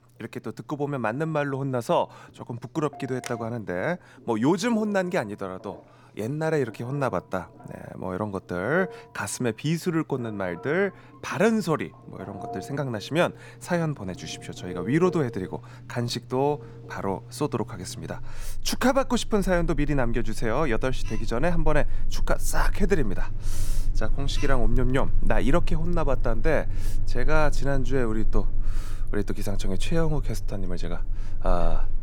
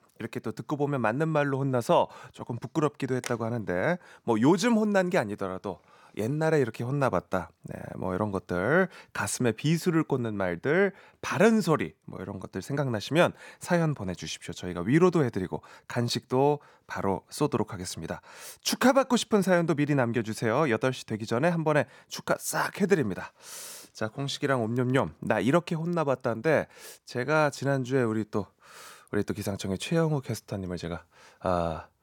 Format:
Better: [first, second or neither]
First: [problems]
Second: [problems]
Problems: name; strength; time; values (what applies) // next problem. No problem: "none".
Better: second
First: alarms or sirens; loud; throughout; 8 dB below the speech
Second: none